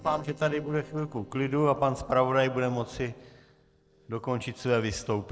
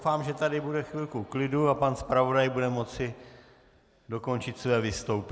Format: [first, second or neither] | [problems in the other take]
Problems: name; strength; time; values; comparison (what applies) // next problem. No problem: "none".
second | noise reduction (neural separator model SepFormer DNS4)